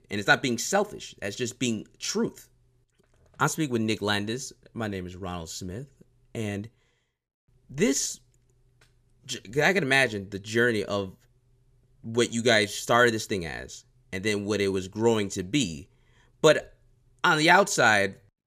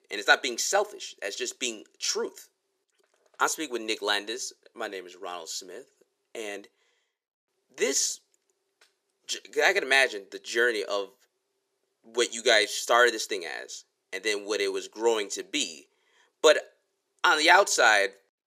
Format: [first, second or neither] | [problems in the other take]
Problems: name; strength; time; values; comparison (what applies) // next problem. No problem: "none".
first | thin; very; fading below 400 Hz